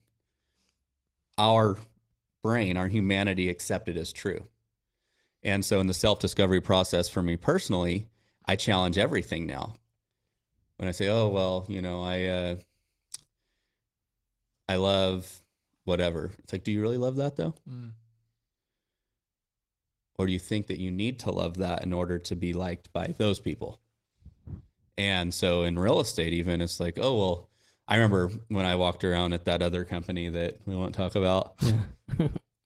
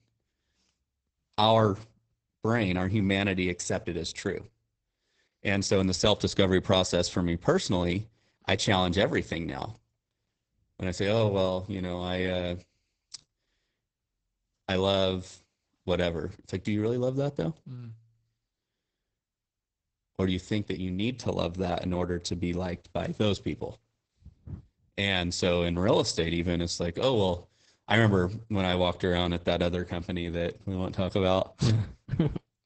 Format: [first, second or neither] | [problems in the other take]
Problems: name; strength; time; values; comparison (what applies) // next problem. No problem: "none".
first | garbled, watery; badly; nothing above 8 kHz; slightly in the first